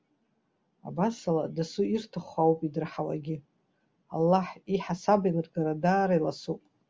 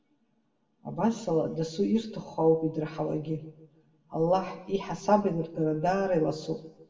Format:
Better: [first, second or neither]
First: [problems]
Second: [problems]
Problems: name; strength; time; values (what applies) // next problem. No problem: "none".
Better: first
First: none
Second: room echo; dies away in 0.7 s